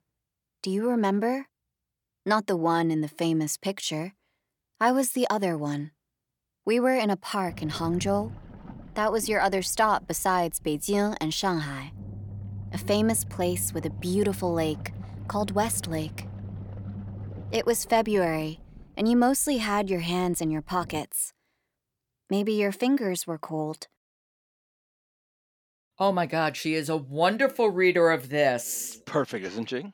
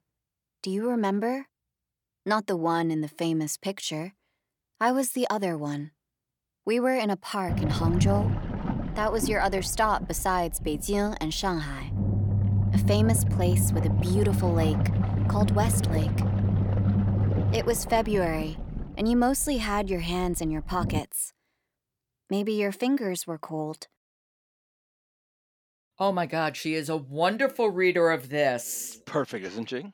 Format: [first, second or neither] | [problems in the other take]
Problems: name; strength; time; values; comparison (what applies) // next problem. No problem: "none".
first | low rumble; loud; from 7.5 to 21 s; 9 dB below the speech; faint in the first